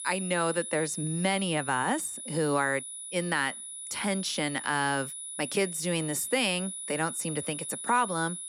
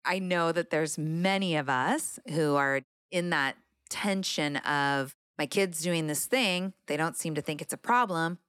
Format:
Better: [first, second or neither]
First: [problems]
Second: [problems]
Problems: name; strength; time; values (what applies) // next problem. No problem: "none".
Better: second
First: high-pitched whine; loud; throughout; 10 kHz, 7 dB below the speech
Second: none